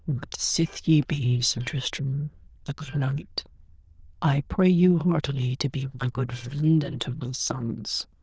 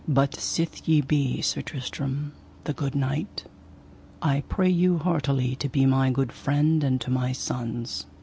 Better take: second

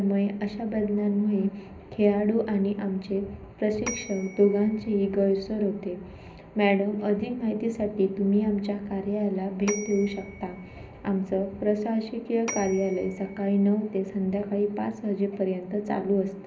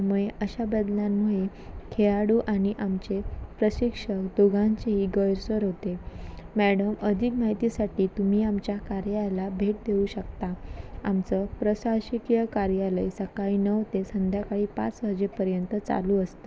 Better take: second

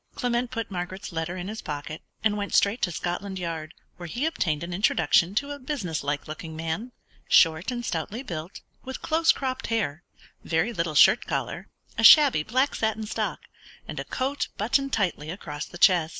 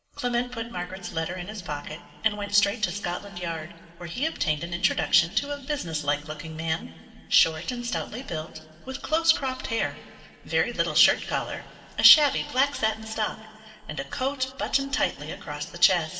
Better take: first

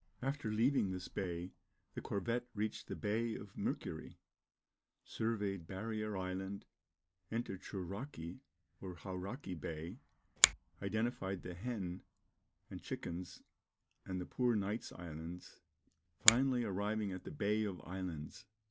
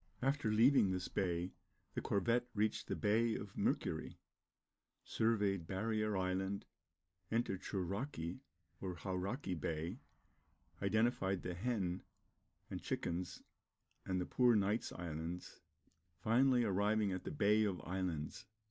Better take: second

